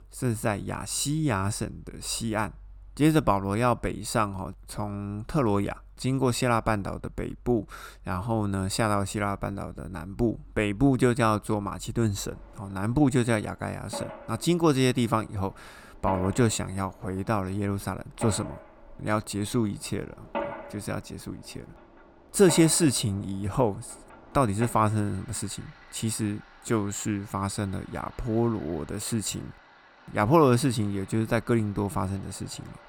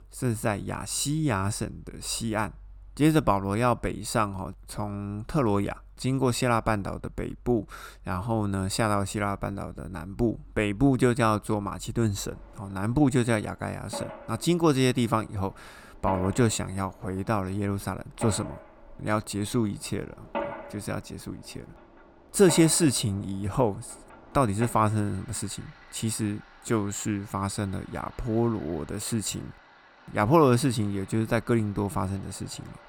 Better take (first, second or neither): neither